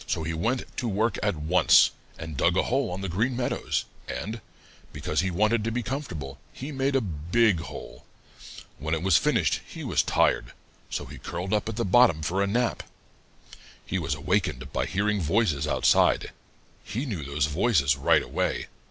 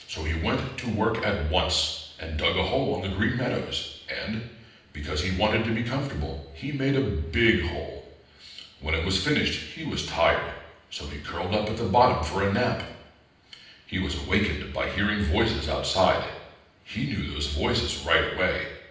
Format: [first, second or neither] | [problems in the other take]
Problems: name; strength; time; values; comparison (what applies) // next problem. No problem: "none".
first | room echo; dies away in 0.9 s